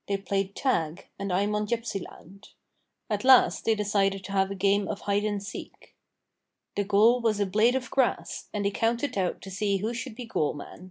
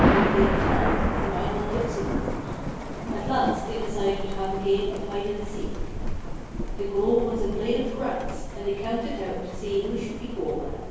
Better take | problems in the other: first | background sound (Thunder); 1 dB above the speech // room echo; dies away in 1.3 s

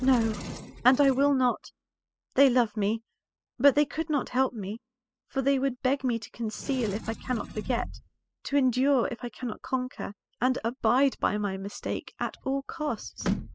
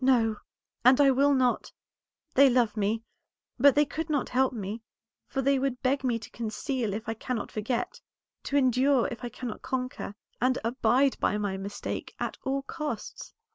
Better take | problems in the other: second | noise reduction (classical method spectral subtraction)

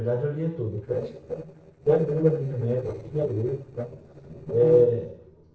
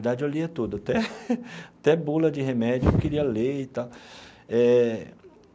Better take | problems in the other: second | noise reduction (neural separator model SepFormer DNS4)

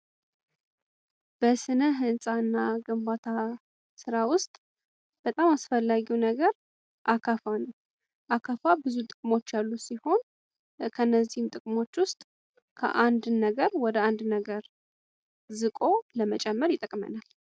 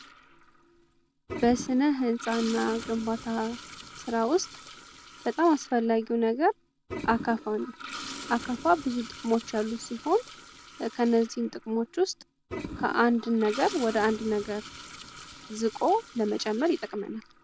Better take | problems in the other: first | background sound (Toilet flush); 14 dB below the speech

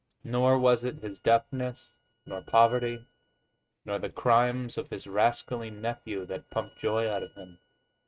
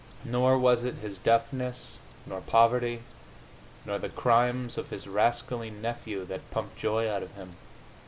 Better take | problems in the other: second | noise reduction (neural mask model RNNoise)

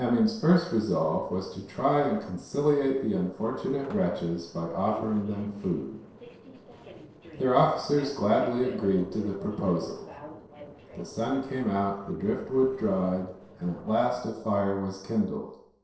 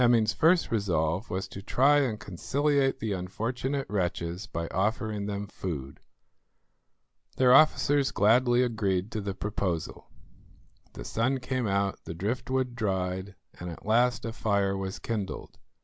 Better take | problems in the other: second | noise reduction (neural separator model SepFormer DNS4)

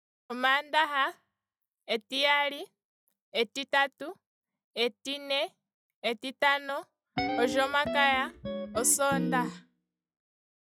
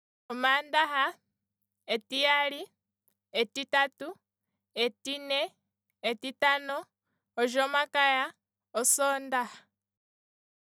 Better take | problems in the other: second | noise reduction (classical method log-MMSE)

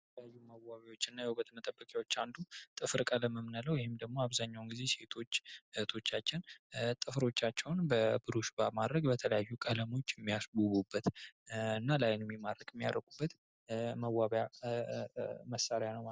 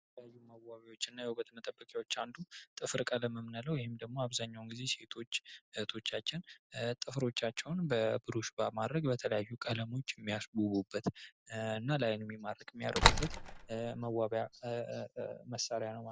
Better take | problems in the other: first | background sound (Slam); 5 dB above the speech

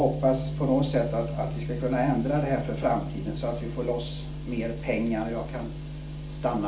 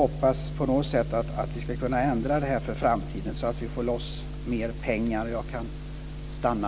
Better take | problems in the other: second | room echo; dies away in 0.4 s

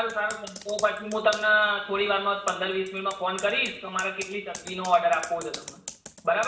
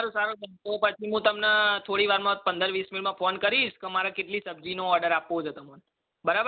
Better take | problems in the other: second | background sound (Computer keyboard); 16 dB below the speech // room echo; dies away in 0.7 s

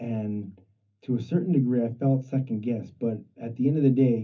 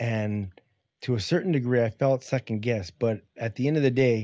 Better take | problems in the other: second | room echo; dies away in 0.3 s

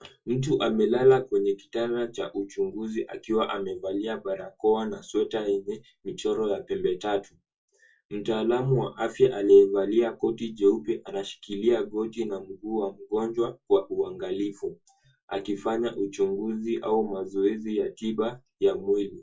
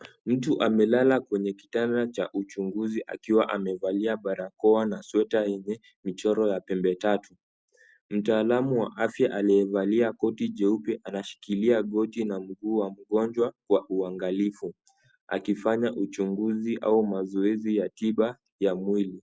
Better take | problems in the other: second | room echo; dies away in 0.1 s

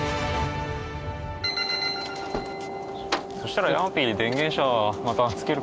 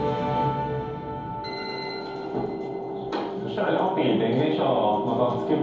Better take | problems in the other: first | room echo; dies away in 2.2 s

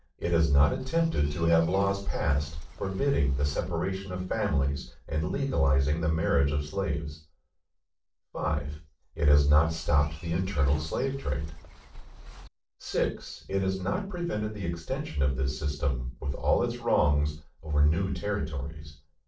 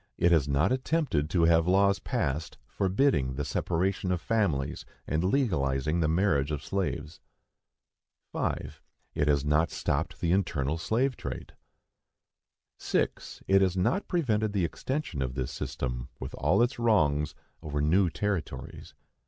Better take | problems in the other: second | noise reduction (neural separator model SepFormer DNS4)

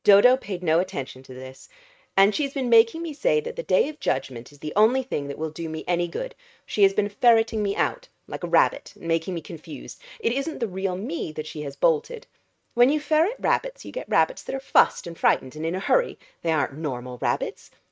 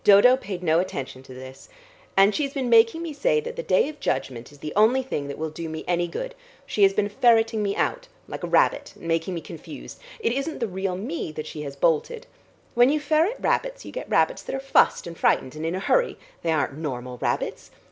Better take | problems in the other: second | noise reduction (neural mask model RNNoise)

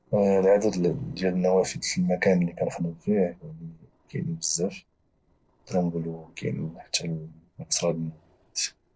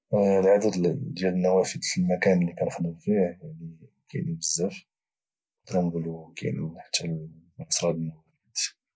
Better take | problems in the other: second | noise reduction (neural separator model SepFormer DNS4)

